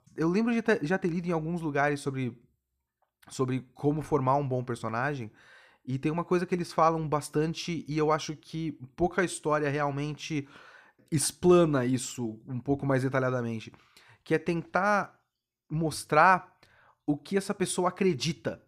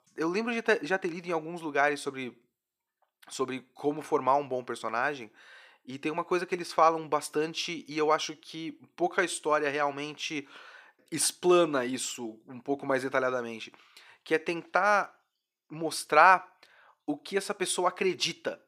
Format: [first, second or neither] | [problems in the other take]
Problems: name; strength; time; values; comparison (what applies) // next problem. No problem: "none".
first | thin; somewhat; fading below 350 Hz